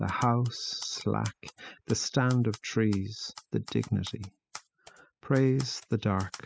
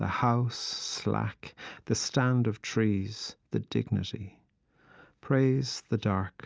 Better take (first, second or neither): second